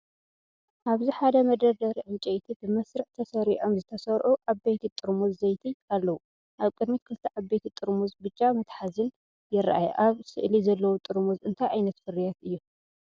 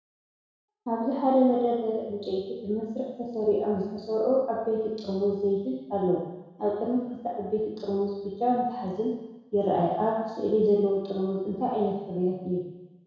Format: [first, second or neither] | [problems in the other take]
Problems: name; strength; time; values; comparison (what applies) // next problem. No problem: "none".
first | room echo; dies away in 1.1 s